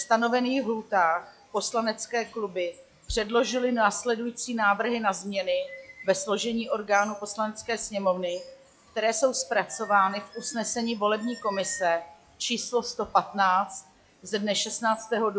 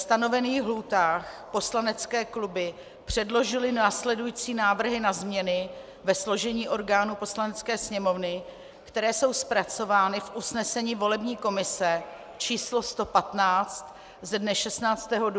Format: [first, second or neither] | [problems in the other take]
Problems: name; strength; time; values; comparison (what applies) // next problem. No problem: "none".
second | noise reduction (classical method log-MMSE)